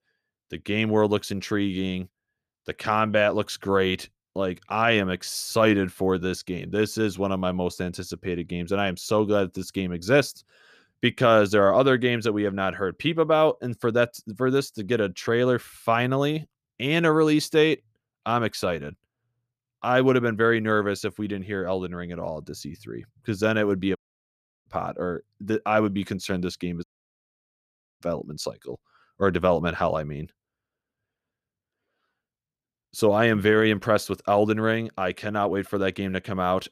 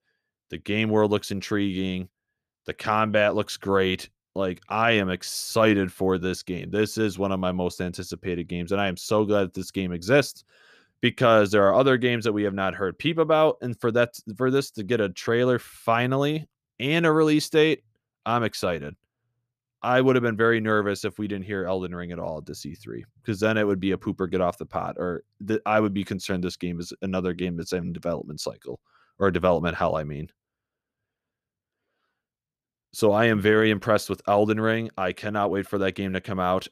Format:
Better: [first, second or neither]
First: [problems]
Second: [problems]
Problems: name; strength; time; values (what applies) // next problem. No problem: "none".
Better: second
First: audio cutting out; at 24 s for 0.5 s and at 27 s for 1 s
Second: none